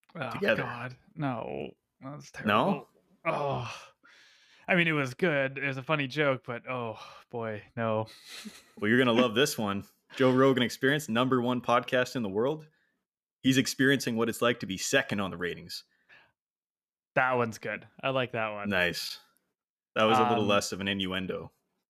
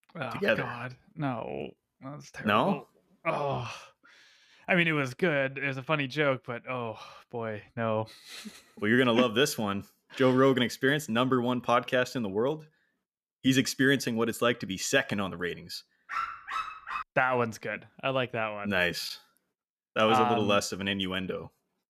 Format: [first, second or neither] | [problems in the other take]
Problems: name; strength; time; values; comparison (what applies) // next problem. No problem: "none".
first | dog barking; noticeable; at 16 s; peak 6 dB below the speech